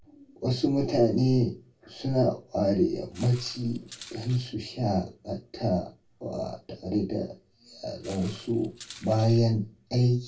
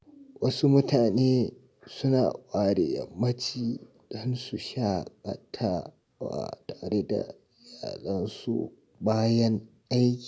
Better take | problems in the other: second | background sound (Walk, footsteps); 20 dB below the speech // room echo; dies away in 0.2 s

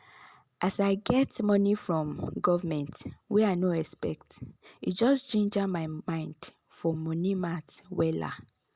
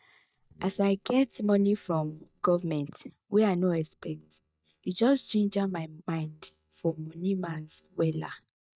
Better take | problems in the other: first | noise reduction (neural mask model DeepFilterNet 3)

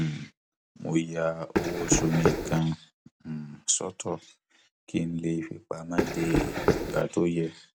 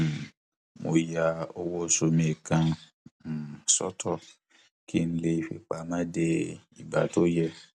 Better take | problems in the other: second | background sound (Run); 4 dB above the speech

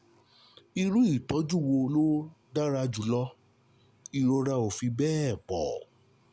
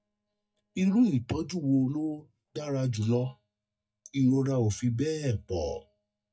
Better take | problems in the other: first | noise reduction (neural mask model DeepFilterNet 3)

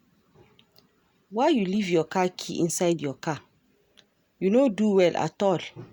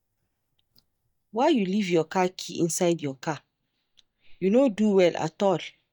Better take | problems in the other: first | noise reduction (neural mask model DeepFilterNet 3)

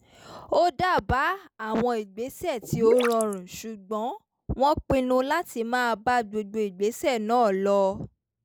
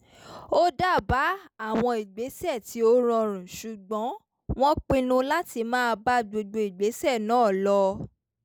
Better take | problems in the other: second | background sound (Gurgling / Liquid); 5 dB below the speech

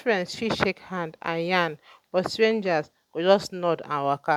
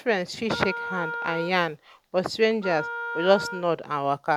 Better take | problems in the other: first | background sound (Wind instrument, woodwind instrument); 9 dB below the speech

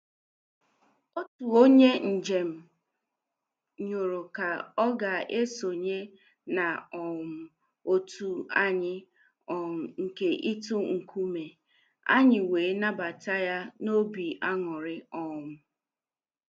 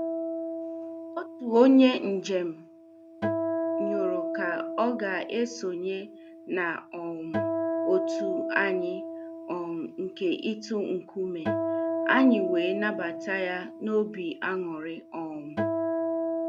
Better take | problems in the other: first | background sound (Acoustic guitar); 4 dB below the speech

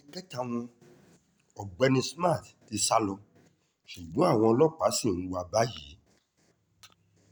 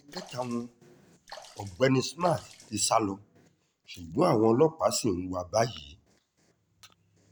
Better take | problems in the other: first | background sound (Sink (filling or washing) / Water / Splash, splatter); 19 dB below the speech

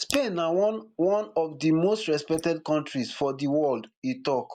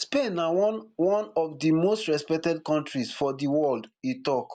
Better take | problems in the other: second | noise reduction (neural mask model Resemble Enhance denoiser)

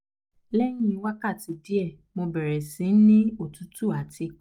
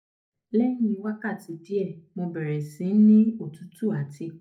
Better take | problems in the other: first | room echo; dies away in 0.3 s

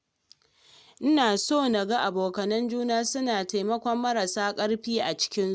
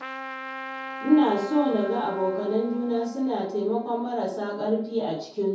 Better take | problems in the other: first | background sound (Trumpet); 13 dB below the speech // room echo; dies away in 0.6 s

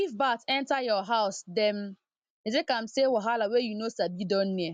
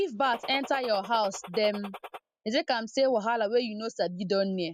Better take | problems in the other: first | noise reduction (classical method spectral subtraction)

